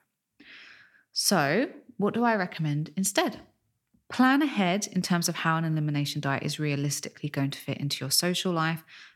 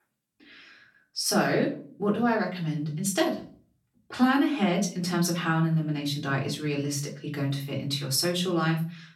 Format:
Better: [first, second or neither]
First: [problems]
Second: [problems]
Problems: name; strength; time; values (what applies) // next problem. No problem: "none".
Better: first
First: none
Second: off-mic speech; far // room echo; slight; dies away in 0.4 s